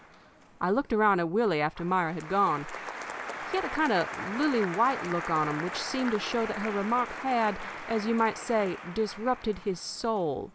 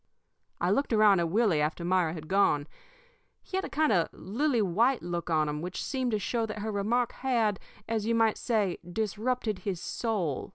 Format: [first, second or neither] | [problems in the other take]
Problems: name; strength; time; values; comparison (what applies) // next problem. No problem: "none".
second | background sound (Applause); 10 dB below the speech